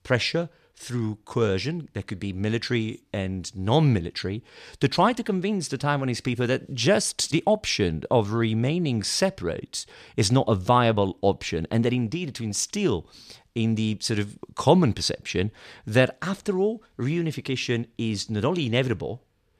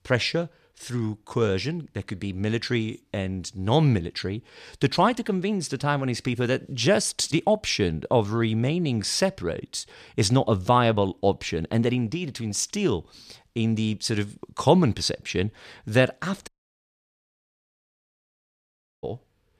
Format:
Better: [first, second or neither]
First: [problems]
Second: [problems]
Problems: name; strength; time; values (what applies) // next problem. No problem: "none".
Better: first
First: none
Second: audio cutting out; at 16 s for 2.5 s